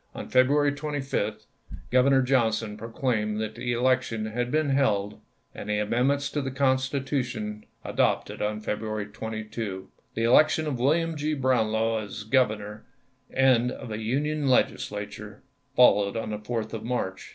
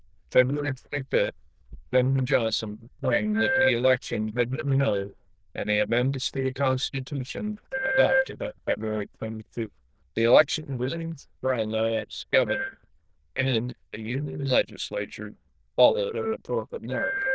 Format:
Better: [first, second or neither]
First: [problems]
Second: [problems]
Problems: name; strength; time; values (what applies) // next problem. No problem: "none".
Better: first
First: none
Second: noise reduction (neural diffusion model UNIVERSE++)